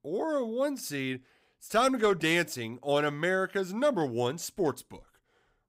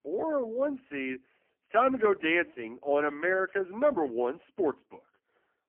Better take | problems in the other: first | phone-call audio; poor line; nothing above 3 kHz

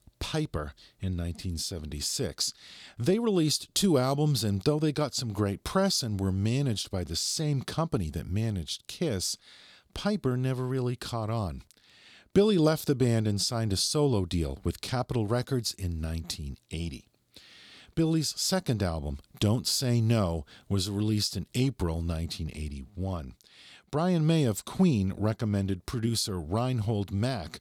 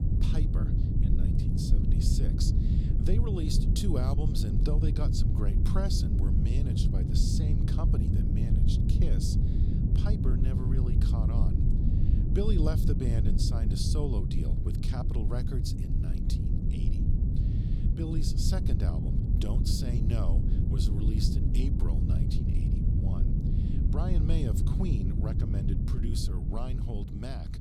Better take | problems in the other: first | low rumble; loud; throughout; as loud as the speech

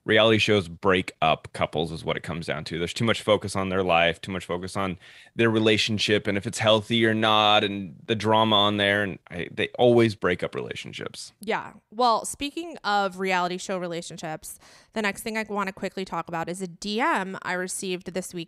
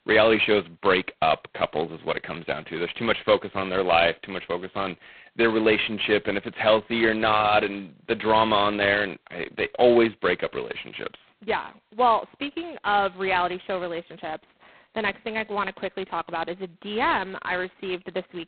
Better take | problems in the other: first | phone-call audio; poor line; nothing above 4 kHz

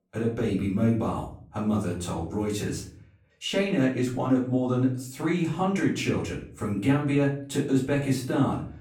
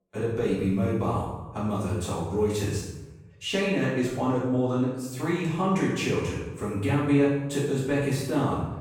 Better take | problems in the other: first | room echo; strong; dies away in 0.9 s; slight in the first // off-mic speech; far; far in the first

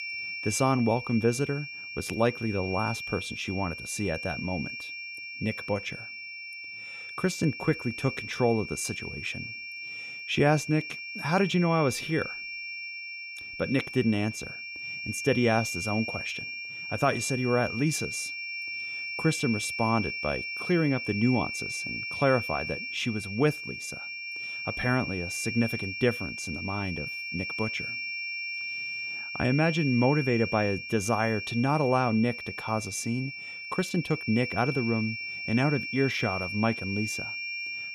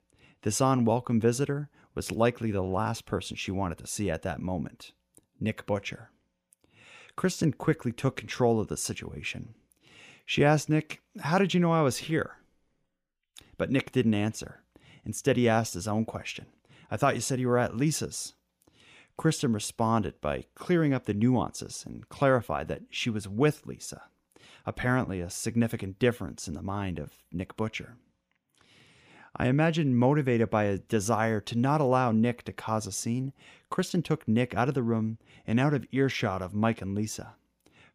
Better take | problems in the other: second | high-pitched whine; loud; throughout; 2.5 kHz, 5 dB below the speech

